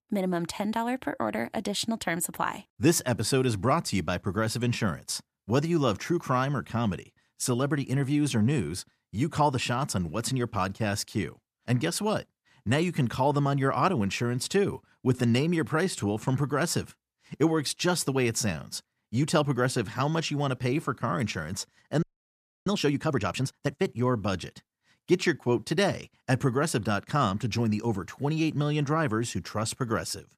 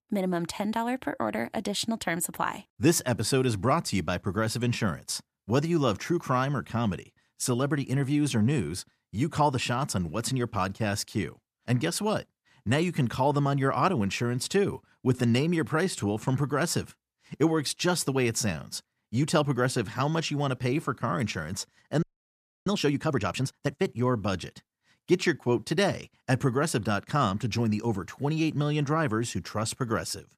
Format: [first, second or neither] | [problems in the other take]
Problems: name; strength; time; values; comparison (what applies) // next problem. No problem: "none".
neither | audio freezing; at 22 s for 0.5 s; the same in both